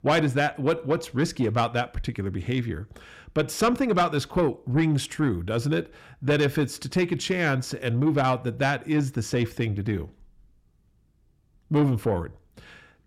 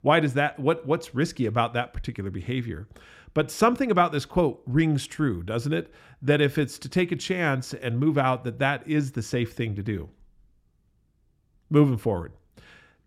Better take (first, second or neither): second